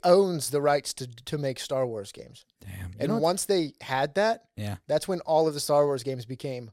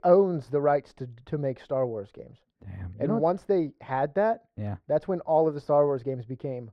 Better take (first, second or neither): first